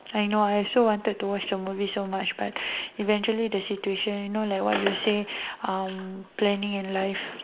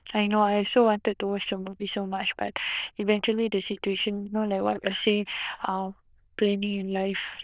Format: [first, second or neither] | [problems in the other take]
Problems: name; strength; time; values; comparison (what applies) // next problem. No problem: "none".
first | noise reduction (neural diffusion model UNIVERSE++)